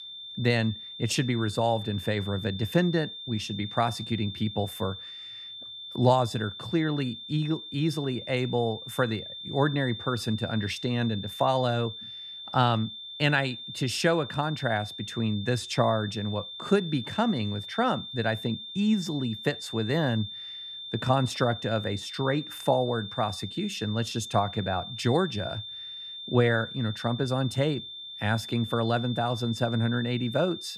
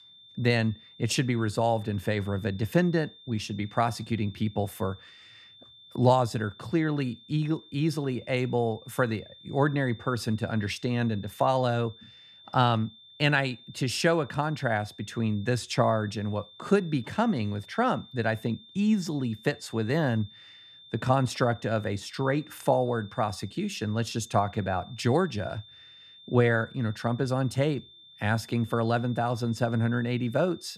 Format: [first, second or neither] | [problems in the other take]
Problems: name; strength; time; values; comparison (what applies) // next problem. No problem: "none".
second | high-pitched whine; loud; throughout; 3.5 kHz, 10 dB below the speech; faint in the second